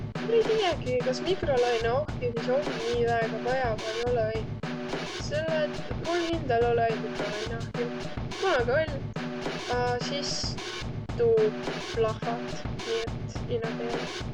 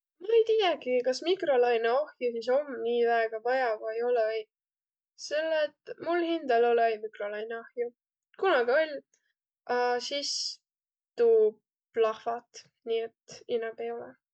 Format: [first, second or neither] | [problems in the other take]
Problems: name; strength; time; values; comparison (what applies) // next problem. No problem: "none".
second | background sound (Snare drum / Drum kit); 4 dB below the speech